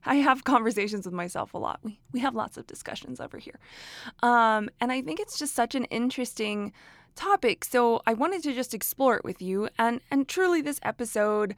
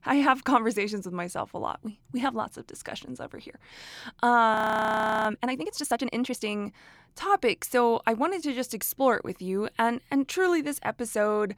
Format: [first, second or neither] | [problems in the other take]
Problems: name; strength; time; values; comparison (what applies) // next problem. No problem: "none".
first | audio freezing; at 4.5 s for 0.5 s